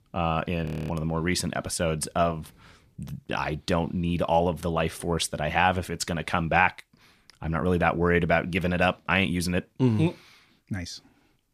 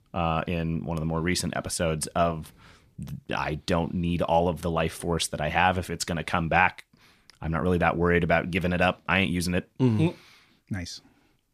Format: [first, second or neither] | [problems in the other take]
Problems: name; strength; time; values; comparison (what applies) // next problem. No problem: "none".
second | audio freezing; at 0.5 s